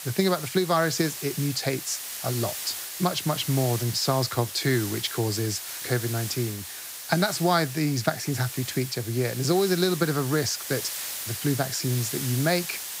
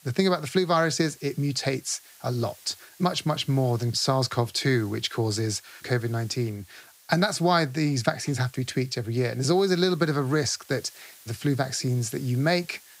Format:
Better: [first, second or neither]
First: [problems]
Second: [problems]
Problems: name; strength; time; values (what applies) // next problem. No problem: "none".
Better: second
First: hiss; loud; throughout; 7 dB below the speech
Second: hiss; faint; throughout; 25 dB below the speech